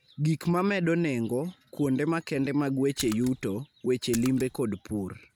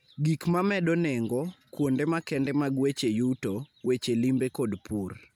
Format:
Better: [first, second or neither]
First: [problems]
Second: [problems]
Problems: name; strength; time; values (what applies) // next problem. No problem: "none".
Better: second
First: background sound (Splash, splatter); 15 dB below the speech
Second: none